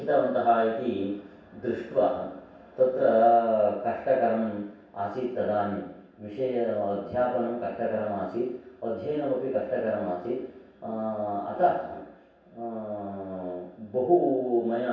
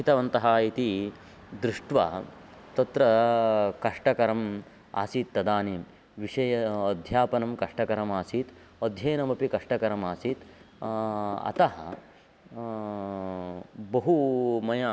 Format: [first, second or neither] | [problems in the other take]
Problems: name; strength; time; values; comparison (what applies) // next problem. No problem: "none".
second | room echo; dies away in 0.7 s